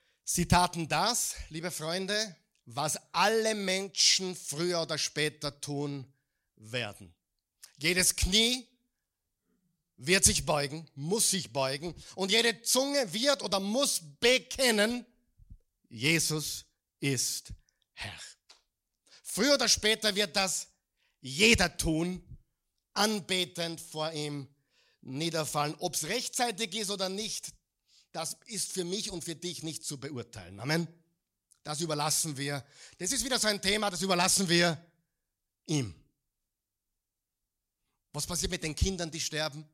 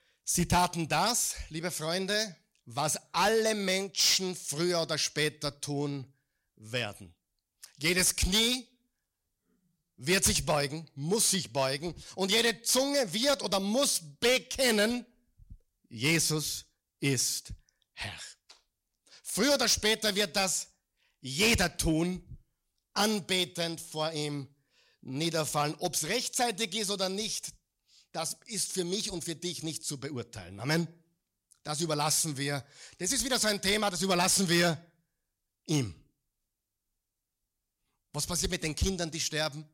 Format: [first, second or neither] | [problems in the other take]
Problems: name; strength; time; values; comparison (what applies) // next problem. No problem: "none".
first | distortion; slight; 3% of the sound clipped